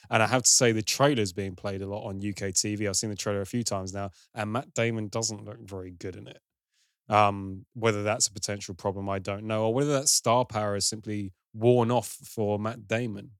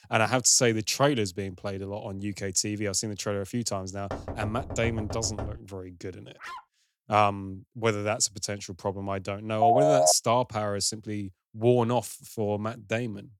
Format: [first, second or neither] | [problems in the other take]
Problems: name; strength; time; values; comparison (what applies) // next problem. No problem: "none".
first | door banging; noticeable; from 4 to 5.5 s; peak 8 dB below the speech // dog barking; faint; at 6.5 s; peak 15 dB below the speech // phone ringing; loud; at 9.5 s; peak 6 dB above the speech